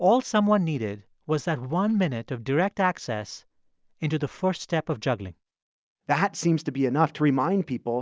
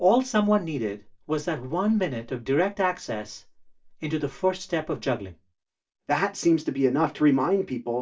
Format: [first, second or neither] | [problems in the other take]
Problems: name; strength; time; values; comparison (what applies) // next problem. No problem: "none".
first | room echo; dies away in 0.2 s